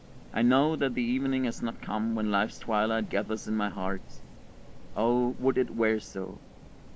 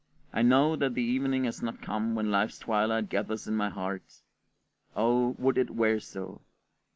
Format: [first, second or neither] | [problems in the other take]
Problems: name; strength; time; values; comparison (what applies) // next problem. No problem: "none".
second | background sound (Rain); 13 dB below the speech